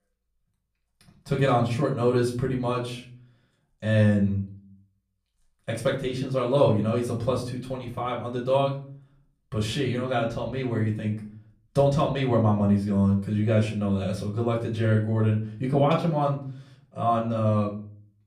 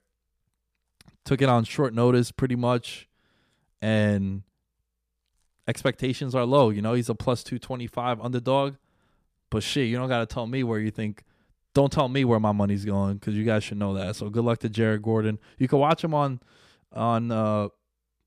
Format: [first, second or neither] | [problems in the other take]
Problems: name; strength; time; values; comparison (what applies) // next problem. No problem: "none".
second | off-mic speech; far // room echo; slight; dies away in 0.4 s